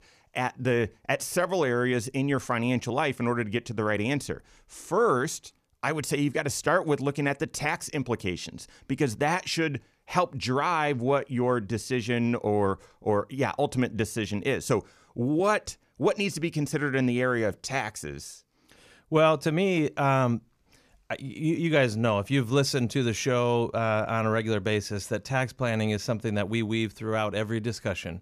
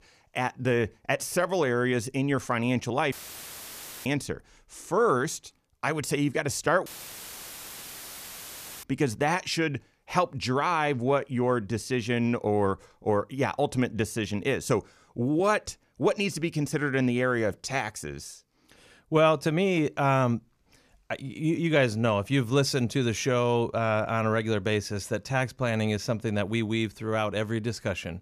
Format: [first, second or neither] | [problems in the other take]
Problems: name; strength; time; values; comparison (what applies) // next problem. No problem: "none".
first | audio cutting out; filled with static; at 3 s for 1 s and at 7 s for 2 s